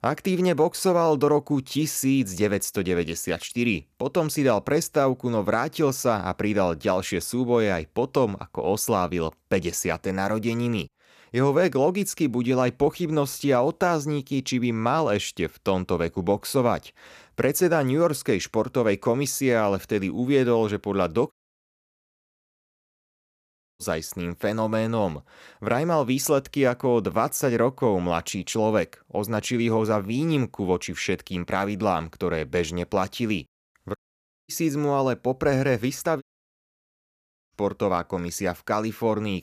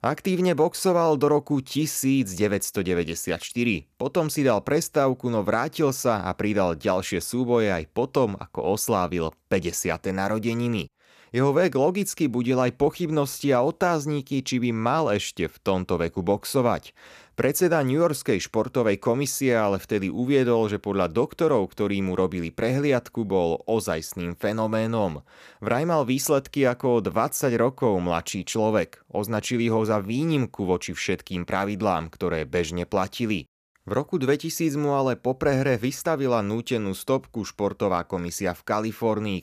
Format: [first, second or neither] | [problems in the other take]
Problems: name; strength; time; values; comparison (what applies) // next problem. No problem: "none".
second | audio cutting out; at 21 s for 2.5 s, at 34 s for 0.5 s and at 36 s for 1.5 s